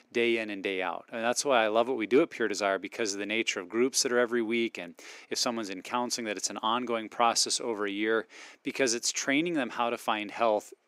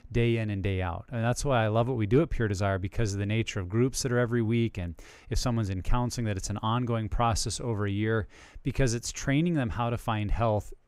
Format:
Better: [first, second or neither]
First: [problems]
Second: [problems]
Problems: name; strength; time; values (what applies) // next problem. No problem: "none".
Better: second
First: thin; somewhat; fading below 250 Hz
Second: none